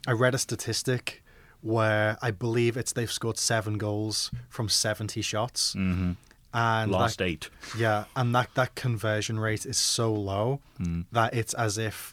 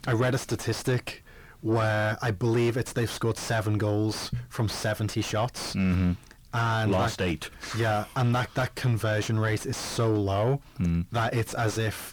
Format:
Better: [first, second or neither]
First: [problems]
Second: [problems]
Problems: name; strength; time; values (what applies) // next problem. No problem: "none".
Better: first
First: none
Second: distortion; heavy; 6 dB below the speech